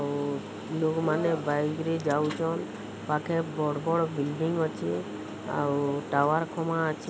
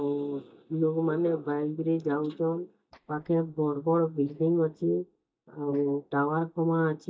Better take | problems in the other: first | noise reduction (neural mask model DeepFilterNet 3)

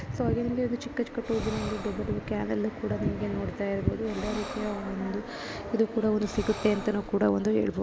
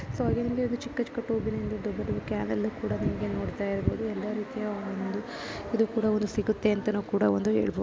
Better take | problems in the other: second | background sound (Breathing); 13 dB below the speech

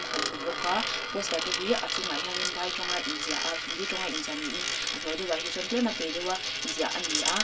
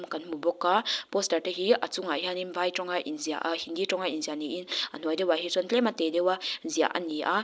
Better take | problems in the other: second | background sound (Coin (dropping)); 1 dB above the speech // room echo; dies away in 0.2 s

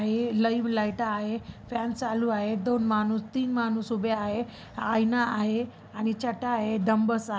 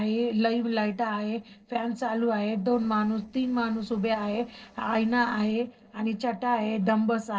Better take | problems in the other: first | noise reduction (neural separator model SepFormer DNS4)

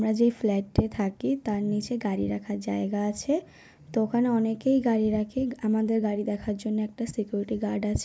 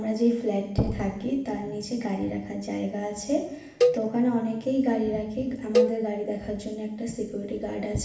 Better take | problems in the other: first | background sound (Cowbell); 1 dB below the speech // room echo; dies away in 0.8 s

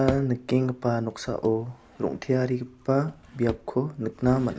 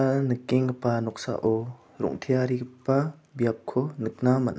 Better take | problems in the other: second | background sound (Drawer open or close); 15 dB below the speech

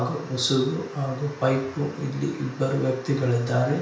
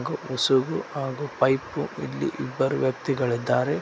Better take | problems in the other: second | room echo; dies away in 0.5 s

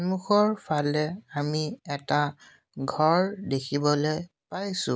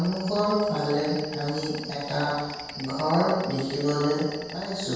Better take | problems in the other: first | background sound (Insect); 13 dB below the speech // room echo; dies away in 1.2 s

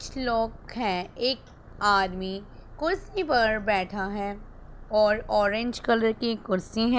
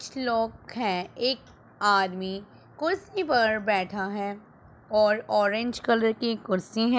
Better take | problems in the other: second | background sound (Purr); 17 dB below the speech

